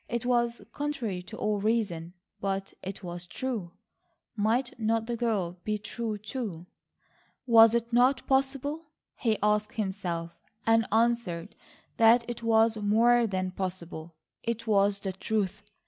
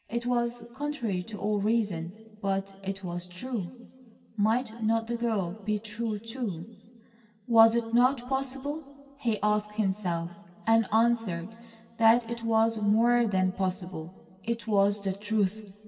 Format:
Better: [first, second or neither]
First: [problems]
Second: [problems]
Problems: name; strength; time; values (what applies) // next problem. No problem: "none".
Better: first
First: none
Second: room echo; dies away in 2.2 s